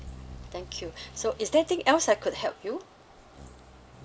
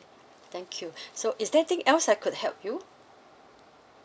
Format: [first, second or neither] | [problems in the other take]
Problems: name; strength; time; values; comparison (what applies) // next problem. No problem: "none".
second | background sound (Bird vocalization, bird call, bird song); 18 dB below the speech